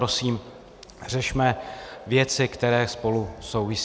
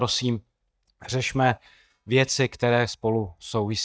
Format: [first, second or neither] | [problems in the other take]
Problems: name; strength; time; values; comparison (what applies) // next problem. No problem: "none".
first | noise reduction (neural mask model DeepFilterNet 3)